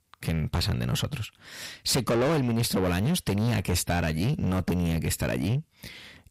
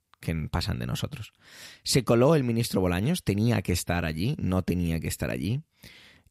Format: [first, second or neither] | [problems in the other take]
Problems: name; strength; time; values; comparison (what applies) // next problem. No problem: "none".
second | distortion; heavy; 6 dB below the speech